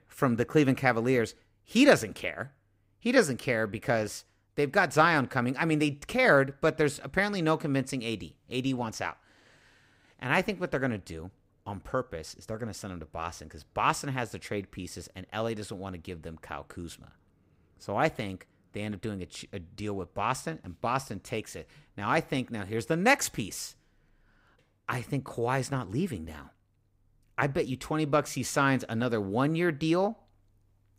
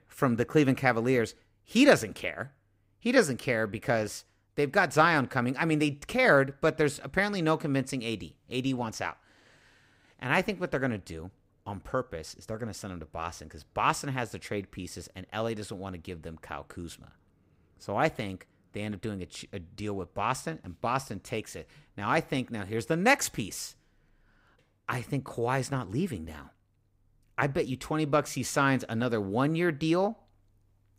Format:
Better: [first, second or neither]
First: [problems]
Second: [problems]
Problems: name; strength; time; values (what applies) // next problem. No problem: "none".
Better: neither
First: none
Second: none